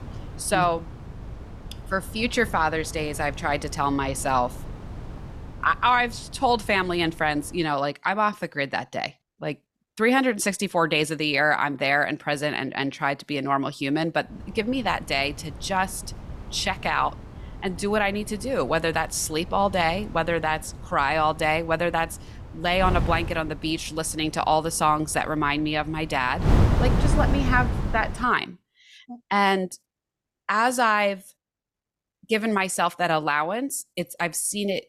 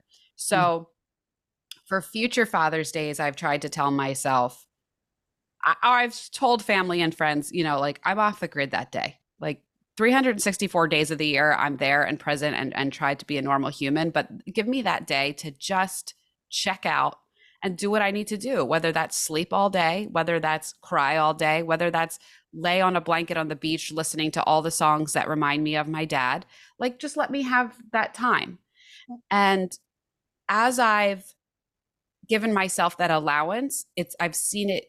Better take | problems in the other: second | wind noise on the microphone; occasional gusts; until 7.5 s and from 14 to 28 s; 15 dB below the speech

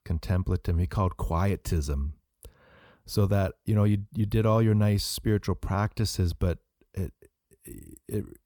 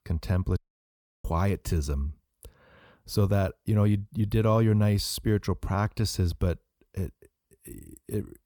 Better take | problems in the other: first | audio cutting out; at 0.5 s for 0.5 s

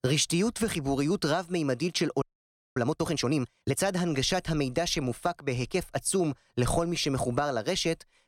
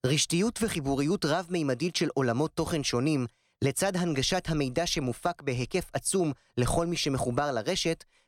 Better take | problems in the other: second | audio freezing; at 2 s for 0.5 s

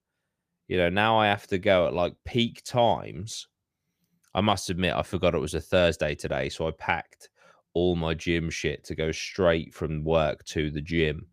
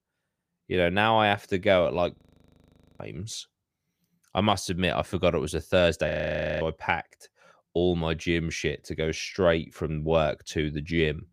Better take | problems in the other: first | audio freezing; at 2 s for 1 s and at 6 s for 0.5 s

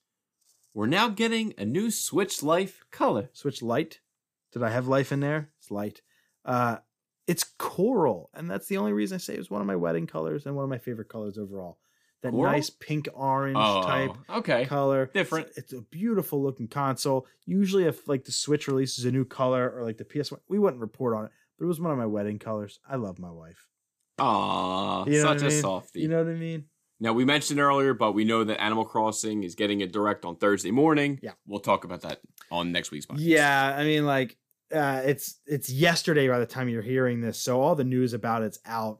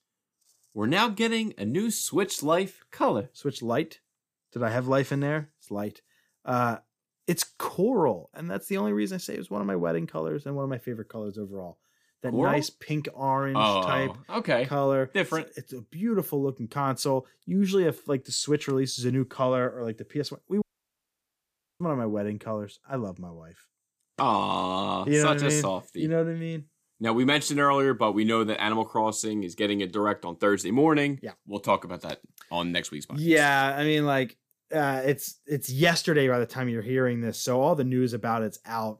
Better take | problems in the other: first | audio cutting out; at 21 s for 1 s

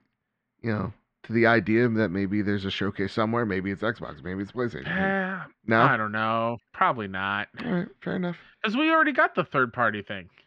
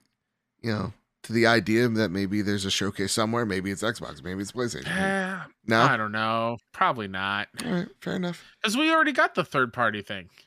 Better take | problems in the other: second | muffled; slightly; fading above 3 kHz

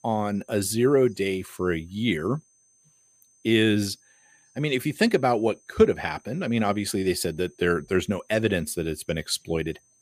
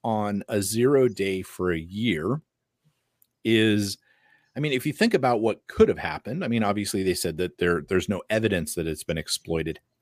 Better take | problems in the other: second | high-pitched whine; faint; throughout; 6 kHz, 35 dB below the speech

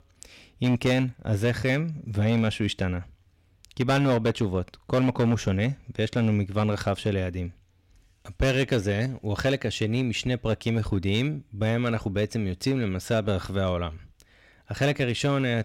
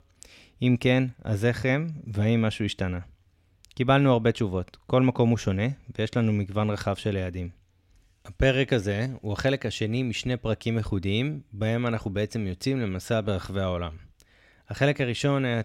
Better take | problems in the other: second | distortion; slight; 5% of the sound clipped

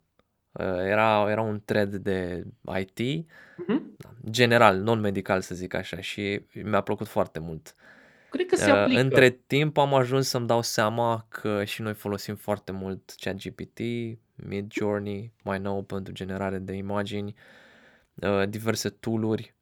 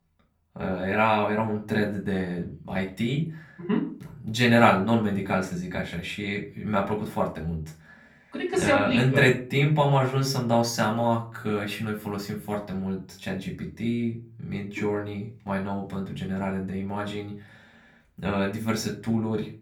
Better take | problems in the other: first | off-mic speech; far // room echo; slight; dies away in 0.3 s

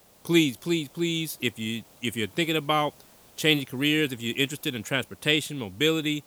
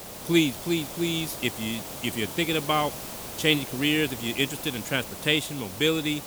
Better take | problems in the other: first | hiss; loud; throughout; 9 dB below the speech; faint in the first

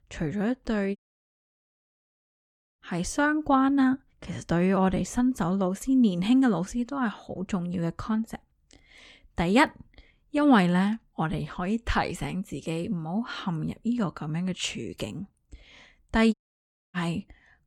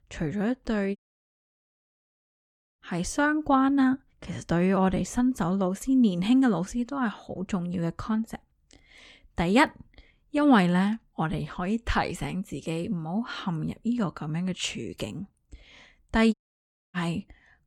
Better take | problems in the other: neither | audio cutting out; at 1 s for 2 s and at 16 s for 0.5 s; the same in both

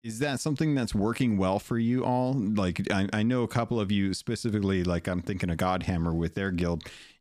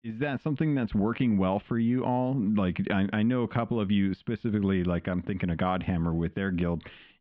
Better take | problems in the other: first | muffled; very; fading above 3 kHz

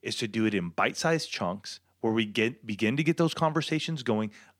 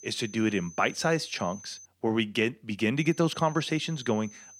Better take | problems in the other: first | high-pitched whine; noticeable; until 2 s and from 3 s on; 6 kHz, 20 dB below the speech

